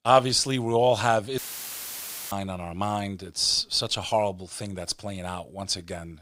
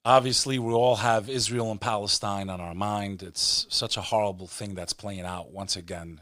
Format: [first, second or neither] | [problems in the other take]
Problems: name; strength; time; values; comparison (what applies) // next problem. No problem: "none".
second | audio cutting out; filled with static; at 1.5 s for 1 s